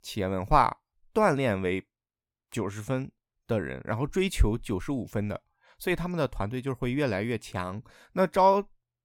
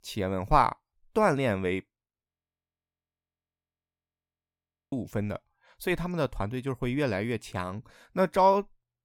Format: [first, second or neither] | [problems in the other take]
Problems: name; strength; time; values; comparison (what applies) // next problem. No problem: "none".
first | audio freezing; at 2.5 s for 2.5 s